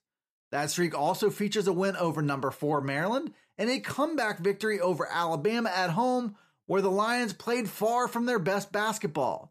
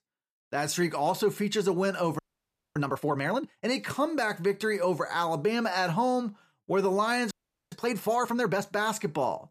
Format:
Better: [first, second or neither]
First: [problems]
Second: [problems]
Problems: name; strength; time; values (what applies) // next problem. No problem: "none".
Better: first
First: none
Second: audio freezing; at 2 s for 0.5 s and at 7.5 s